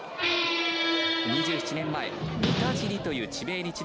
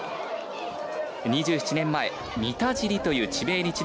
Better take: second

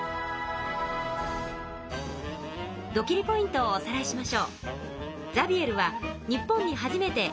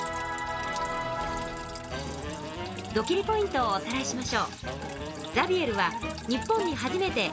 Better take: first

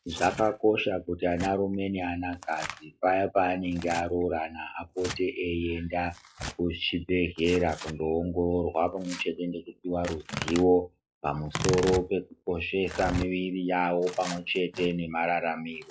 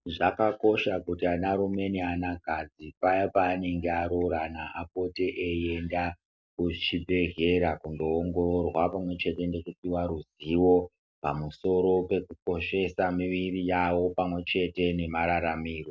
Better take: second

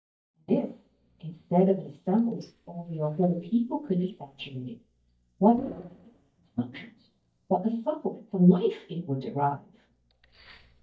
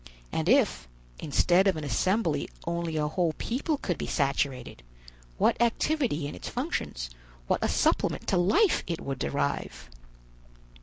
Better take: second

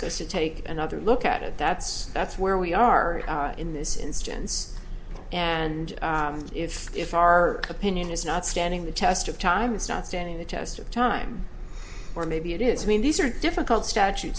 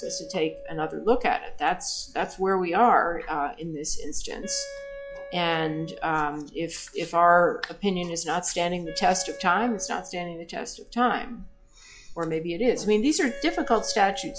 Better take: first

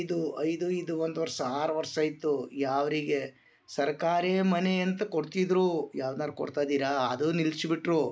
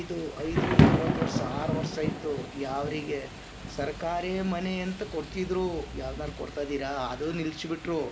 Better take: first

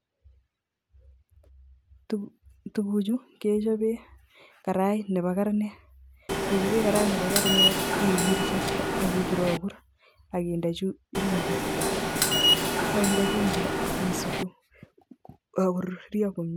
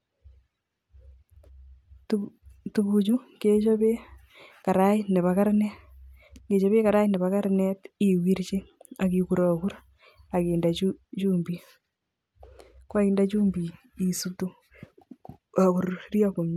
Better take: second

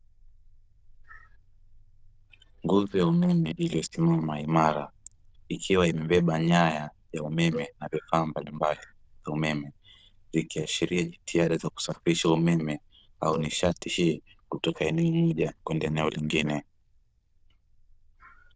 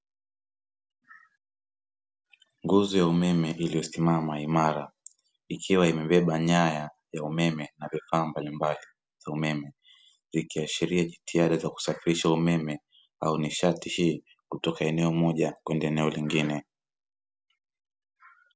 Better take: second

